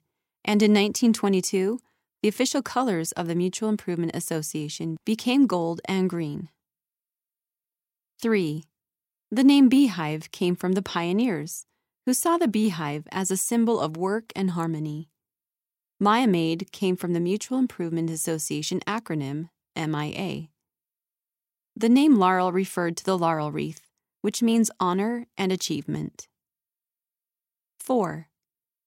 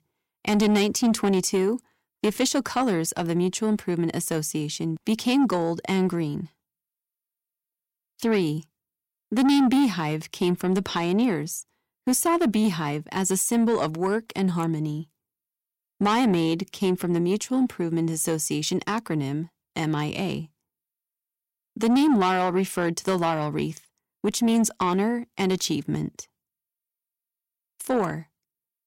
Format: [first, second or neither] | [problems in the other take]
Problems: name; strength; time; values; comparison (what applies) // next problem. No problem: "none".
first | distortion; slight; 10 dB below the speech